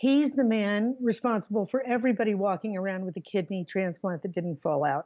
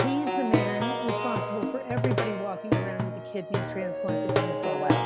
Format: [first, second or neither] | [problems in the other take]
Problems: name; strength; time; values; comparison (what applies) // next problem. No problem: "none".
first | background sound (Plucked string instrument); 5 dB above the speech